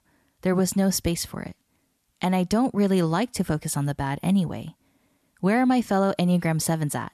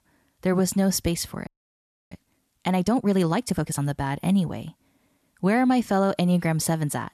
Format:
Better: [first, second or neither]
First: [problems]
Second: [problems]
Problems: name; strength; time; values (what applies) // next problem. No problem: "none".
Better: first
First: none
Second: audio freezing; at 1.5 s for 0.5 s